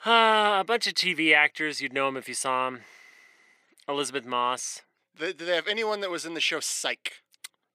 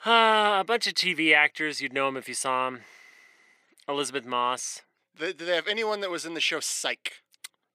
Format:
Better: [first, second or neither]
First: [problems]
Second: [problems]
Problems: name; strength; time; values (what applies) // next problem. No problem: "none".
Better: neither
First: thin; somewhat; fading below 300 Hz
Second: thin; somewhat; fading below 300 Hz